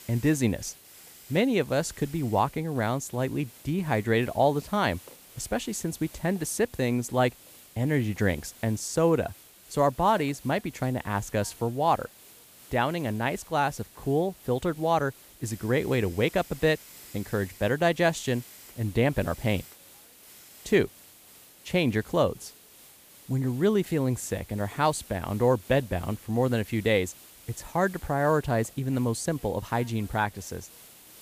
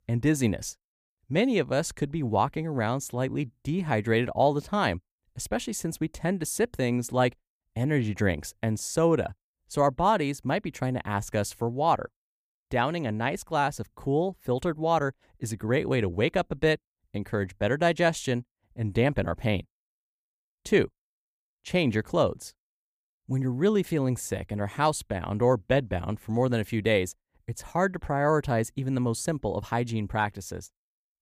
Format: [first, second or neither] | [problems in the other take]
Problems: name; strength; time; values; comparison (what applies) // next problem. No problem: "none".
second | hiss; faint; throughout; 20 dB below the speech